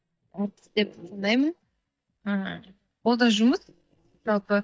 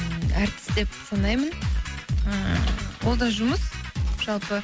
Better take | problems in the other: second | noise reduction (neural mask model DeepFilterNet 3)

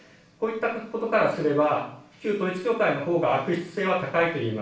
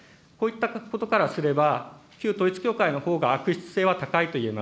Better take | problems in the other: second | room echo; dies away in 0.4 s

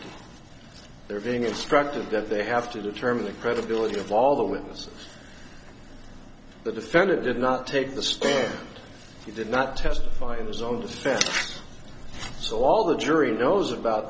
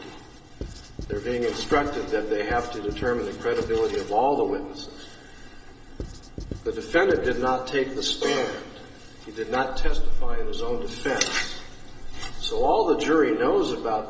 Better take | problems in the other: first | background sound (Writing); 14 dB below the speech // room echo; dies away in 2.1 s

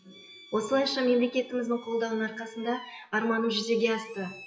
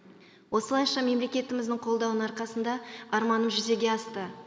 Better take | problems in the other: second | noise reduction (classical method WPE with log-MMSE)

